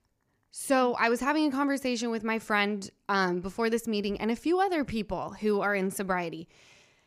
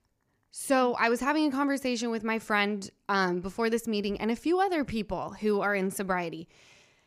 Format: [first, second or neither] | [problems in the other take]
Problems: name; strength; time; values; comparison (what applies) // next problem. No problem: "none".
neither | none